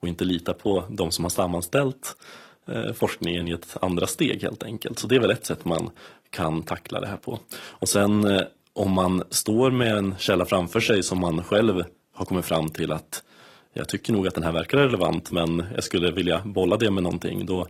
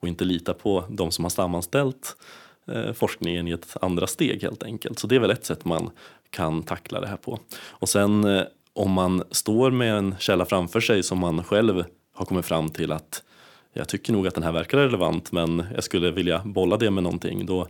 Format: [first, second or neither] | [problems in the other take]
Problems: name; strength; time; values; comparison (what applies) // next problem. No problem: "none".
second | garbled, watery; slightly